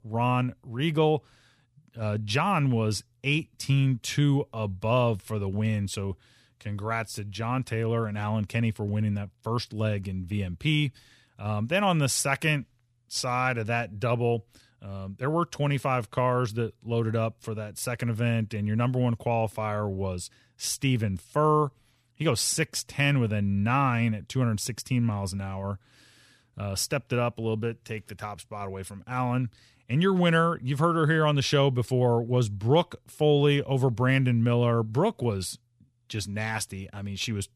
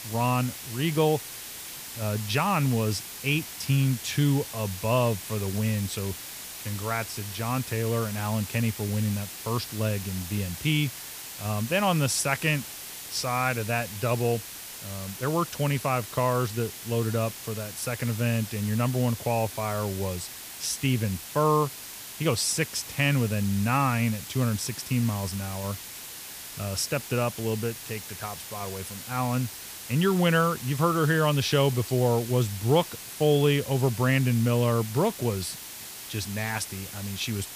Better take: first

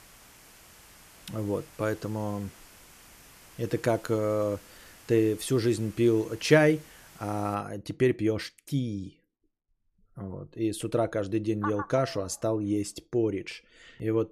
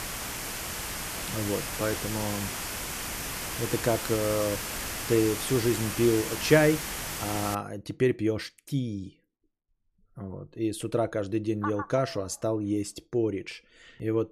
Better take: first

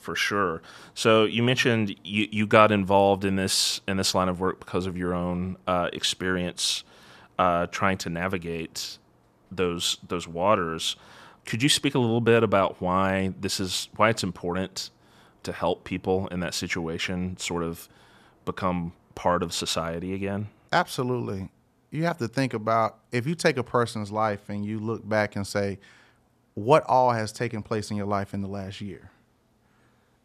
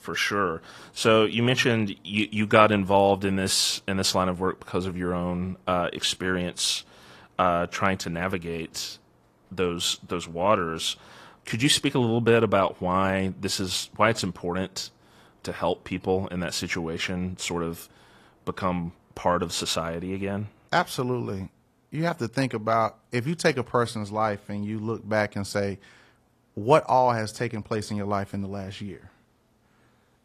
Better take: first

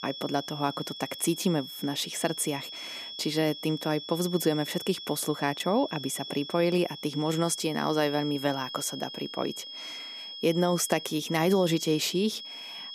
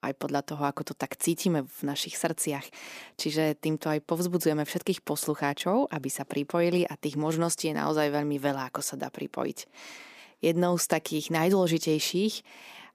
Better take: second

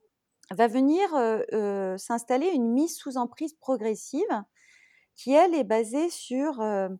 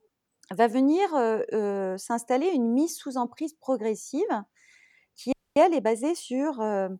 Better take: first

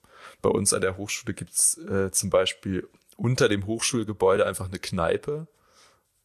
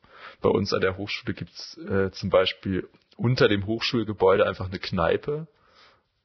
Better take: first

